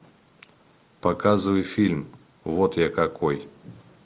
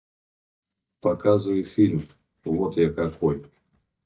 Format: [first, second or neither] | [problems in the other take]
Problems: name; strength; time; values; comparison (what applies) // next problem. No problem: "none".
first | noise reduction (neural mask model DeepFilterNet 3)